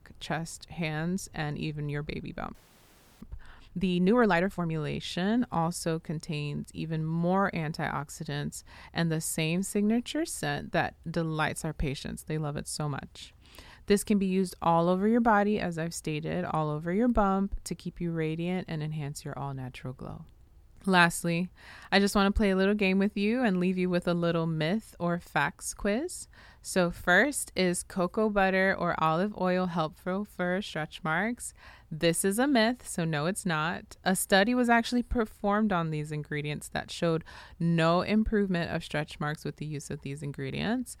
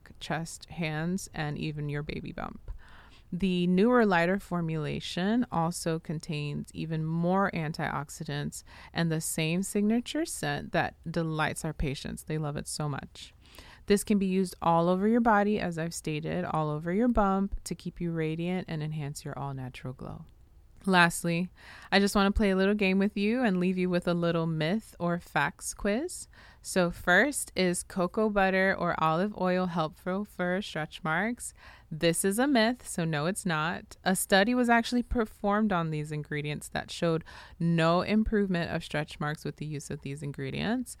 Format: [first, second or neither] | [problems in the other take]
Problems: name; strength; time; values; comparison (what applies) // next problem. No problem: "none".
second | audio freezing; at 2.5 s for 0.5 s